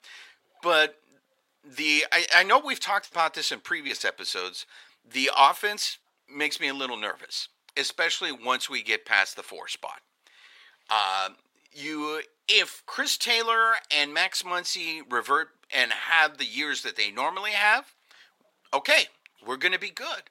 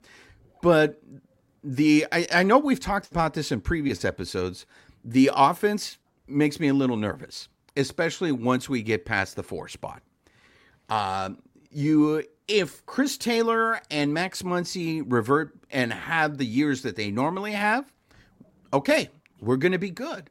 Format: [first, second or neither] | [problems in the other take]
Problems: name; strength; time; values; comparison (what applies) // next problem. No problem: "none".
second | thin; very; fading below 850 Hz